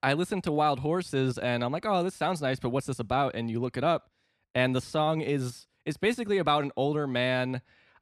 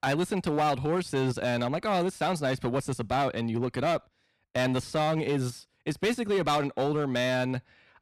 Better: first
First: none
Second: distortion; slight; 9% of the sound clipped

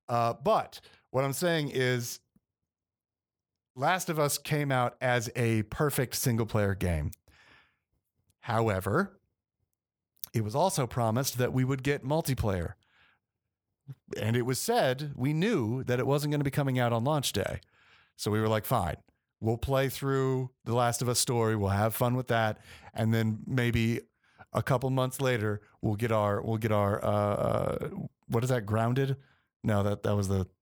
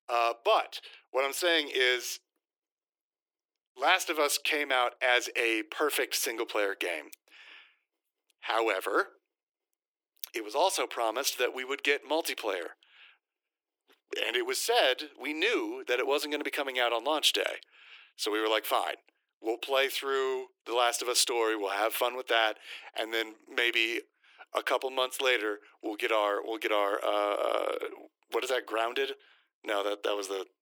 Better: first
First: none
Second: thin; very; fading below 300 Hz

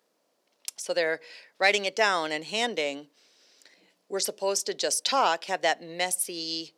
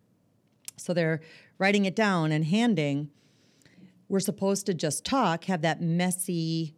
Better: second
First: thin; very; fading below 450 Hz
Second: none

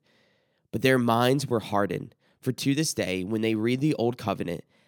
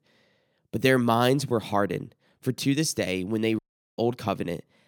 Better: first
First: none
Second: audio cutting out; at 3.5 s

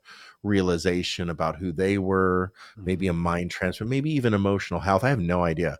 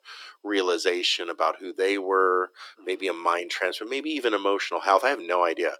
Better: first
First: none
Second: thin; very; fading below 300 Hz

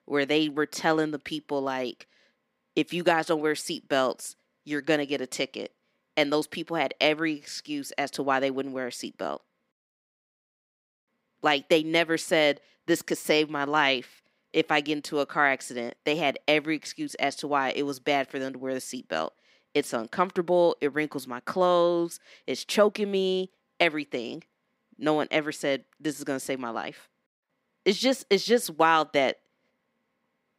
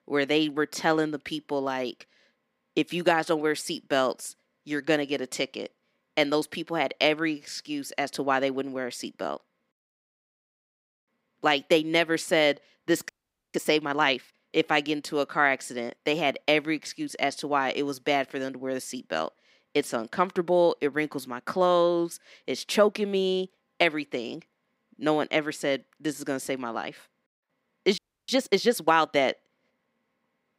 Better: first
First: none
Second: audio freezing; at 13 s and at 28 s

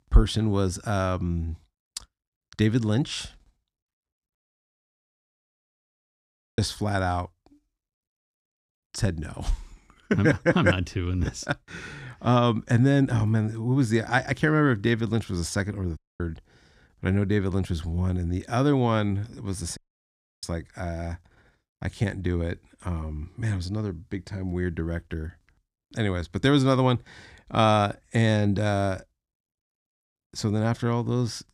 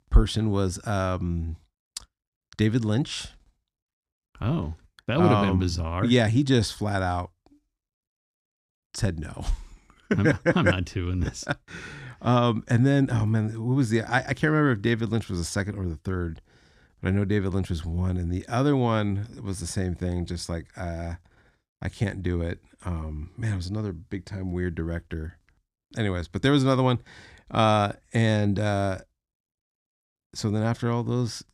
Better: second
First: audio cutting out; at 4.5 s for 2 s, at 16 s and at 20 s for 0.5 s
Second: none

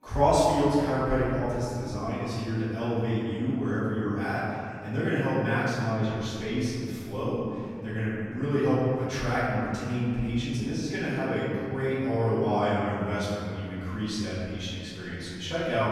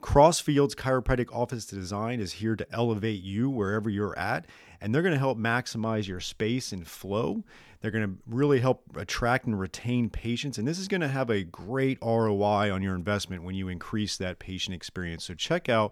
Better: second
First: room echo; strong; dies away in 2.3 s // off-mic speech; far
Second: none

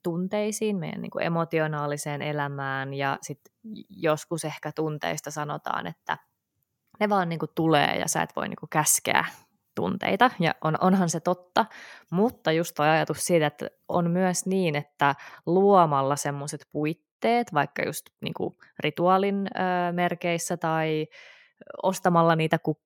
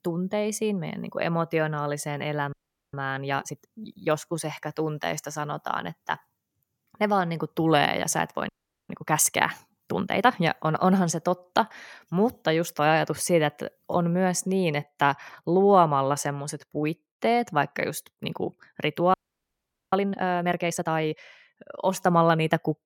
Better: first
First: none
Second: audio freezing; at 2.5 s, at 8.5 s and at 19 s for 1 s

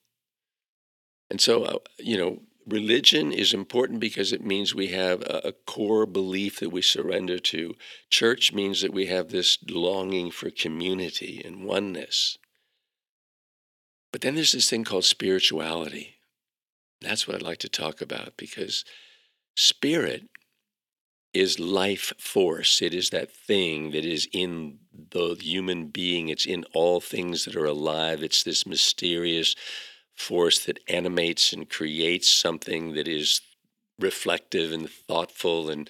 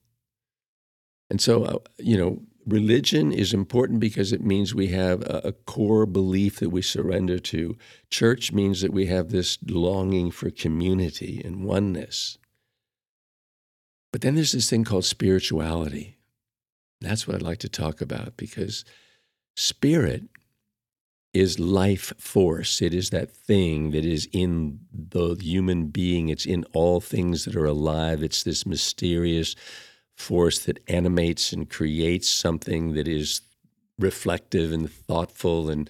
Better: second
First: thin; somewhat; fading below 350 Hz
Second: none

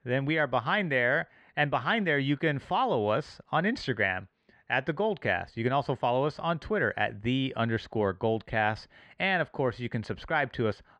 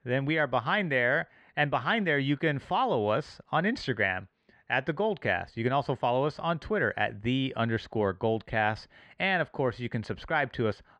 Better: neither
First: muffled; slightly; fading above 2.5 kHz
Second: muffled; slightly; fading above 2.5 kHz

